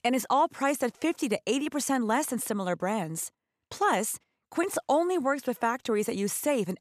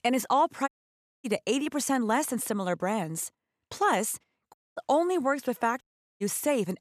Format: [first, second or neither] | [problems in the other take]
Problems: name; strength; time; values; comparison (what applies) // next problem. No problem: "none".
first | audio cutting out; at 0.5 s for 0.5 s, at 4.5 s and at 6 s